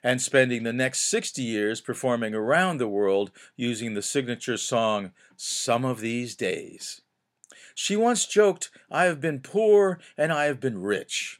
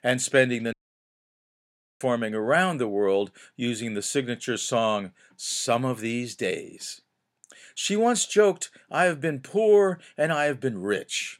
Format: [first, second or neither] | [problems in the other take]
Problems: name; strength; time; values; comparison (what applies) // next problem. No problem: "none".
first | audio cutting out; at 0.5 s for 1.5 s